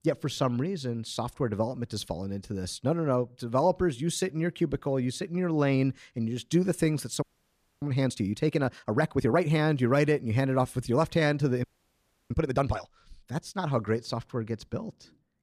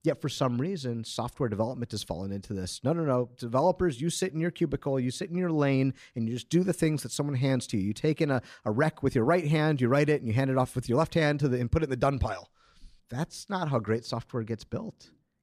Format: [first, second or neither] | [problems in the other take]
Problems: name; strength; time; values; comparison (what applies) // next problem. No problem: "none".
second | audio freezing; at 7 s for 0.5 s and at 12 s for 0.5 s